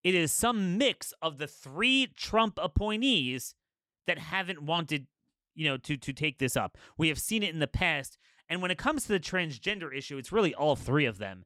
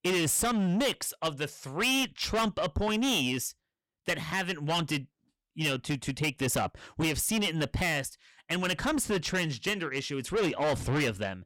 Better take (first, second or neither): first